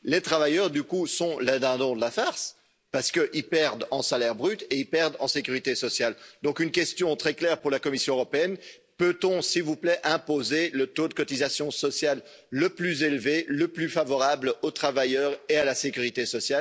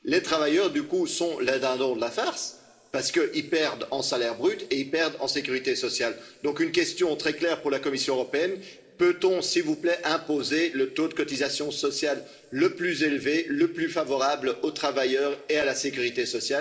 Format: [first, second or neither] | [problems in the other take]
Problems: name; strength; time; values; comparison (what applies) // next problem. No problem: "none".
first | room echo; dies away in 2.7 s